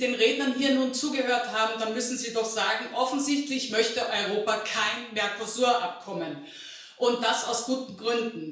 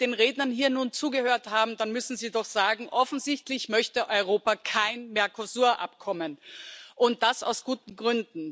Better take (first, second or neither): second